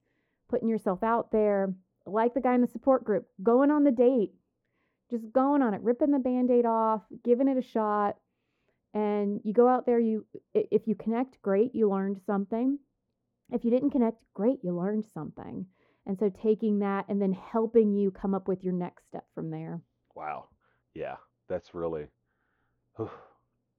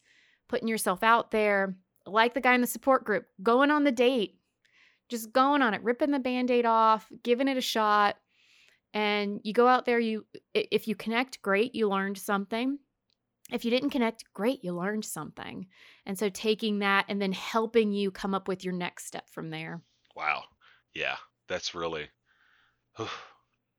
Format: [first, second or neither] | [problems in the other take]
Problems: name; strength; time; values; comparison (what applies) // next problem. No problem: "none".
second | muffled; very; fading above 1.5 kHz